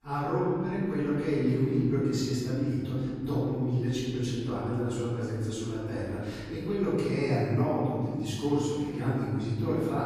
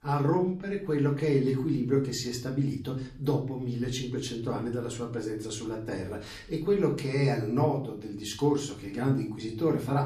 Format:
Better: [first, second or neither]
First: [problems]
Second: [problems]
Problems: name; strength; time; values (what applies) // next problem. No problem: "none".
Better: second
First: room echo; strong; dies away in 2.5 s // off-mic speech; far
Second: room echo; slight; dies away in 0.4 s // off-mic speech; far